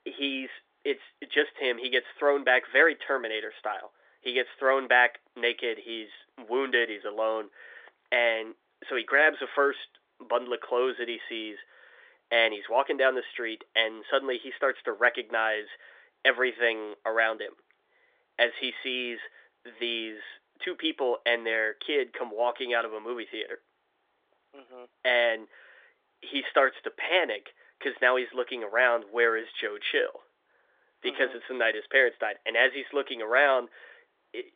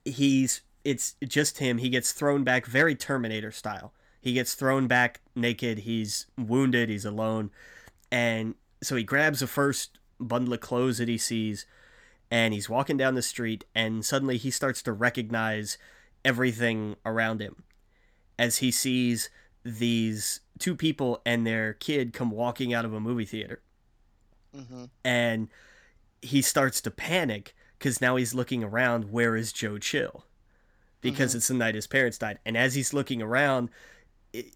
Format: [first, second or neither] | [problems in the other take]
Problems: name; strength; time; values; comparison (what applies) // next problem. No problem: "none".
second | phone-call audio; nothing above 3.5 kHz